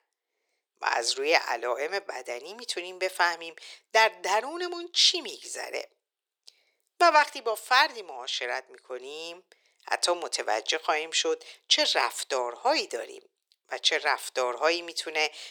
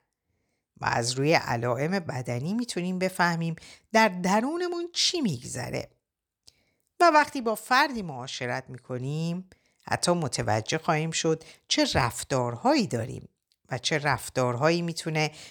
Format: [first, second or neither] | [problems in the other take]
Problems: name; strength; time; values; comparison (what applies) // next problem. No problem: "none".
second | thin; very; fading below 400 Hz